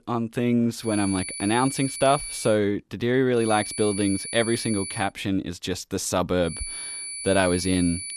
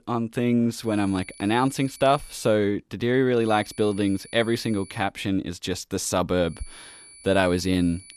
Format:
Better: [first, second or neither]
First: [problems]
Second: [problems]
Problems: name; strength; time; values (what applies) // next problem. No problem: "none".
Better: second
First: high-pitched whine; loud; from 1 to 2.5 s, from 3.5 to 5 s and from 6.5 s on; 10 kHz, 8 dB below the speech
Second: high-pitched whine; faint; from 1 to 2.5 s, from 3.5 to 5 s and from 6.5 s on; 10 kHz, 20 dB below the speech